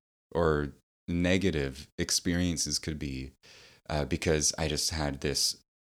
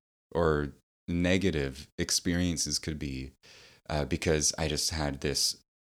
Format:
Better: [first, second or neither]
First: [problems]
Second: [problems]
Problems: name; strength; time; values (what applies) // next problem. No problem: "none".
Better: neither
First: none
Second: none